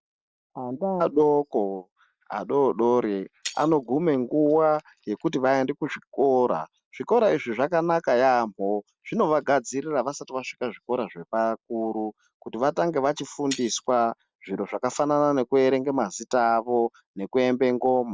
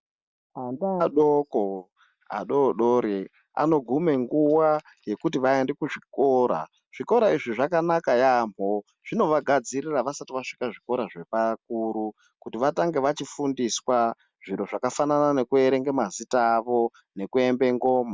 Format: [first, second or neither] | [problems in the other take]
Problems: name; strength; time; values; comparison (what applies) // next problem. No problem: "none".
second | noise reduction (neural separator model SepFormer DNS4)